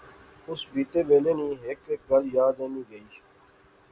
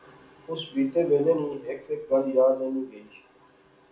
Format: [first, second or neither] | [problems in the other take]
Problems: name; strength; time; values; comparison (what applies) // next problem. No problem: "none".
first | room echo; dies away in 0.4 s